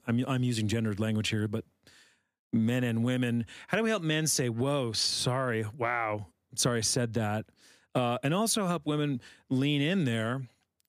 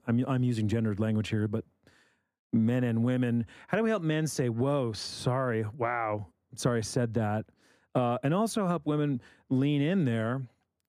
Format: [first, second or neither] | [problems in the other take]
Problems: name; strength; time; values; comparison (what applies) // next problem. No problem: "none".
first | muffled; slightly; fading above 2 kHz